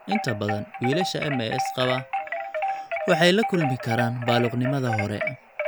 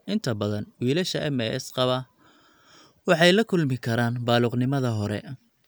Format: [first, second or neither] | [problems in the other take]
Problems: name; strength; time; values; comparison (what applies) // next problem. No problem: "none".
second | background sound (Wind chime); 4 dB below the speech